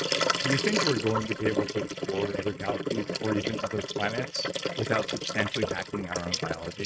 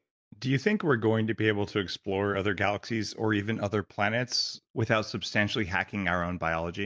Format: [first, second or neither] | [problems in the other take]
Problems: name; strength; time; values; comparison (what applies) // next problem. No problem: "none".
second | noise reduction (neural mask model RNNoise)